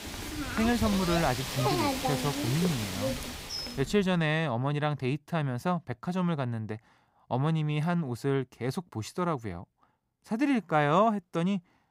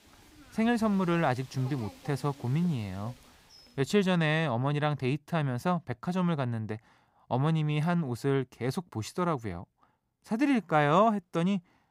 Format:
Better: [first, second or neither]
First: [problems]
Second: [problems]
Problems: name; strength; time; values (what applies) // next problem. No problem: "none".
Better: second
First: animal sounds; loud; until 3.5 s; 3 dB below the speech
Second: animal sounds; faint; until 3.5 s; 20 dB below the speech